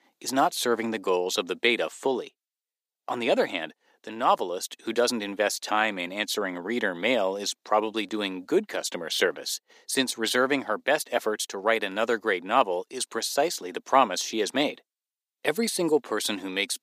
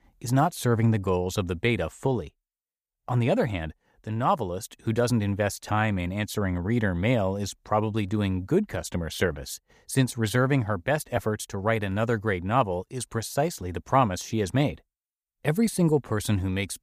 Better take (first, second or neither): second